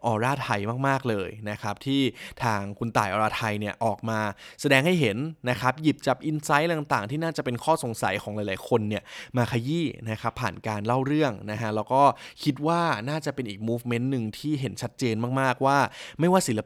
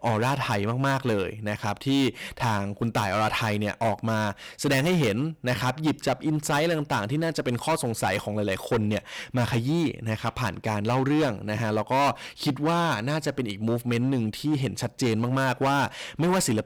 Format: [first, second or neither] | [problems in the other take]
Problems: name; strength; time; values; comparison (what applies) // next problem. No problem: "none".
first | distortion; heavy; 11% of the sound clipped